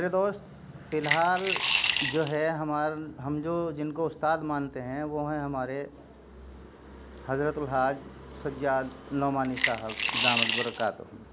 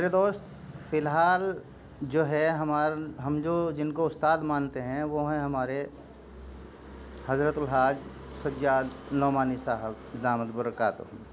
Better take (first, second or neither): second